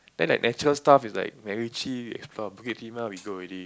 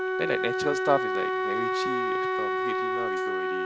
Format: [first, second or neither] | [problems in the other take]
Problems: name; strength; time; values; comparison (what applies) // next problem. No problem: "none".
first | background sound (Wind instrument, woodwind instrument); 5 dB above the speech